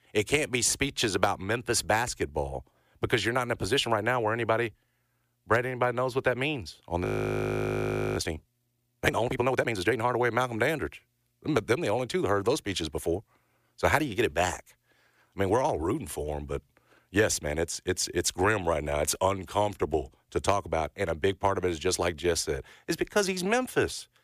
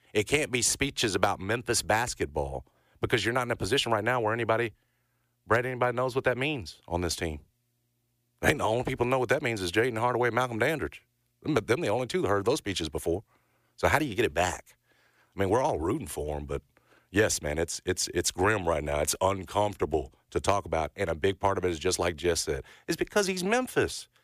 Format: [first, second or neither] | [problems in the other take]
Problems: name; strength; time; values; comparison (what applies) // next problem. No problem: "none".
second | audio freezing; at 7 s for 1 s